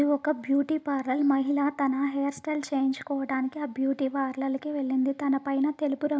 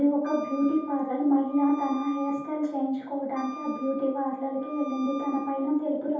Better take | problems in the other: first | background sound (Wind instrument, woodwind instrument); 15 dB below the speech // room echo; dies away in 0.7 s

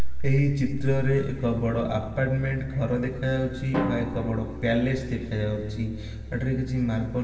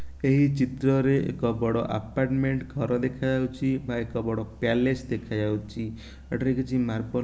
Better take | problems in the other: second | background sound (Drum); 14 dB below the speech // room echo; dies away in 2.6 s

